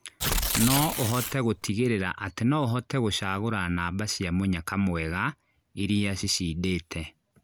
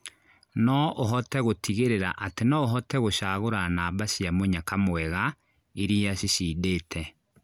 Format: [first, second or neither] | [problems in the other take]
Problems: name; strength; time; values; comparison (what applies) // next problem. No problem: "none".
second | background sound (Tearing); 1 dB below the speech